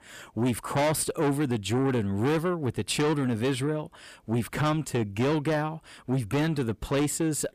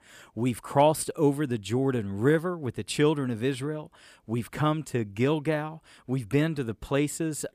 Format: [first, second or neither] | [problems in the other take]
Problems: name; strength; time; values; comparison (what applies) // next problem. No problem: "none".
second | distortion; heavy; 6 dB below the speech